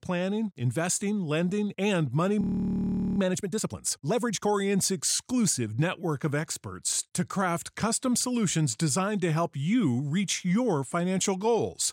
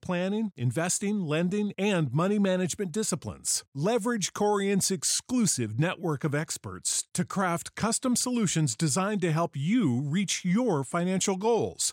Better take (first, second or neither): second